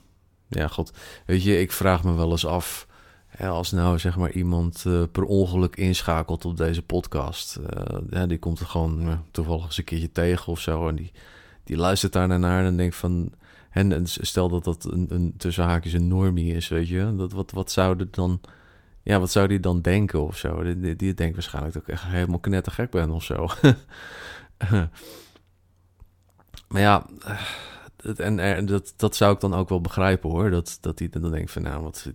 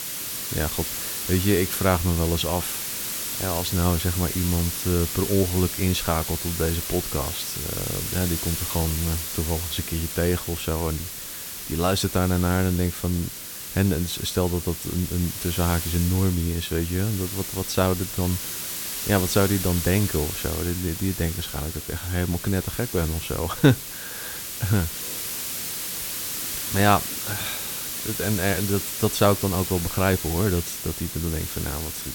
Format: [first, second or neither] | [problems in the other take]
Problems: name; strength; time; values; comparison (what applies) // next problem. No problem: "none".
first | hiss; loud; throughout; 4 dB below the speech